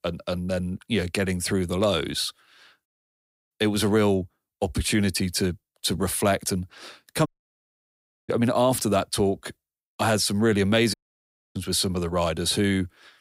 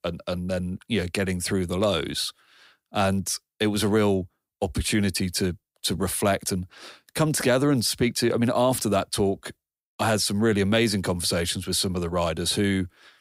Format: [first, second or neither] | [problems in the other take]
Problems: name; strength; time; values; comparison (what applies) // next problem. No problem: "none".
second | audio cutting out; at 3 s for 0.5 s, at 7.5 s for 1 s and at 11 s for 0.5 s